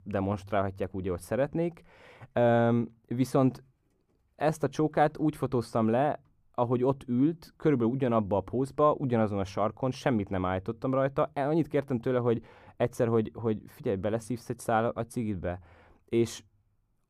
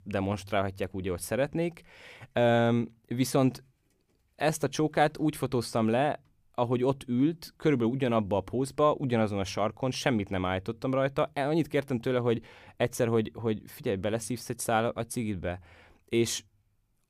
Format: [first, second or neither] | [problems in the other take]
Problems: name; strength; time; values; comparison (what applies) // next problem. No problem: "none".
second | muffled; slightly; fading above 1.5 kHz